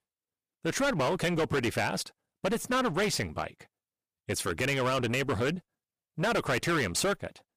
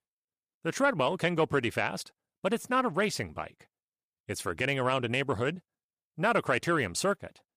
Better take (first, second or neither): second